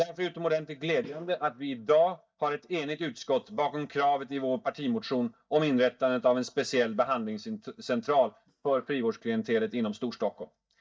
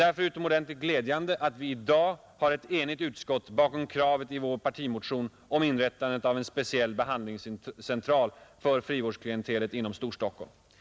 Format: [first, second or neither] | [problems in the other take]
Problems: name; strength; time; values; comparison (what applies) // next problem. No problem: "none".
second | noise reduction (neural mask model DeepFilterNet 3)